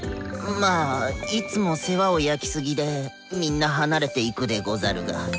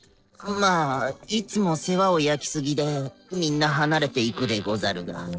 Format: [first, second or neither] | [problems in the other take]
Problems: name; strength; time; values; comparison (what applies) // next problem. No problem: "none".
first | noise reduction (neural separator model SepFormer DNS4)